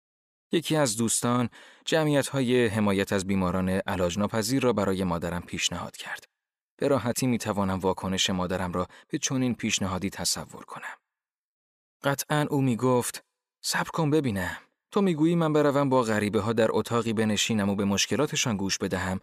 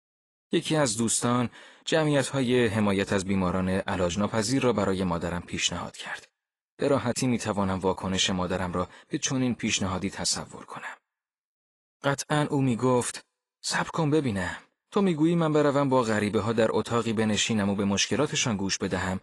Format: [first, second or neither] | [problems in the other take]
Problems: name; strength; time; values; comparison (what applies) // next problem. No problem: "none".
first | garbled, watery; slightly; nothing above 10.5 kHz